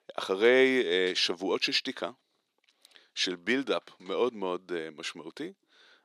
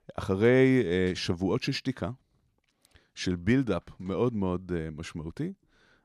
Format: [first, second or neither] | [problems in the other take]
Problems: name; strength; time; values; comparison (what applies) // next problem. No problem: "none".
second | thin; somewhat; fading below 350 Hz